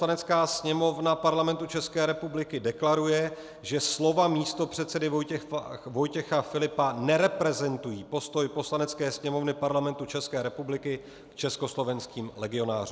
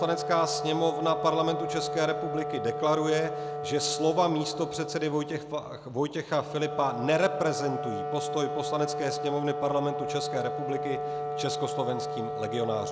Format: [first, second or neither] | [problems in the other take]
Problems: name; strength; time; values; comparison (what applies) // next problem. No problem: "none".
first | background sound (Wind instrument, woodwind instrument); 4 dB below the speech